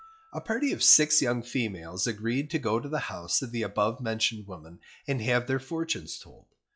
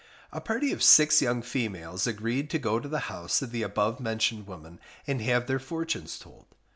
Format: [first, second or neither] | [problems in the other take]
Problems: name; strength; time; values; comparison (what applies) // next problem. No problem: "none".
second | noise reduction (classical method log-MMSE)